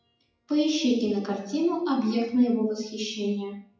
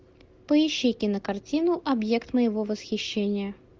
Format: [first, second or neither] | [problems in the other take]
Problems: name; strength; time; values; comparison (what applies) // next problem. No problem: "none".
second | noise reduction (classical method WPE with log-MMSE)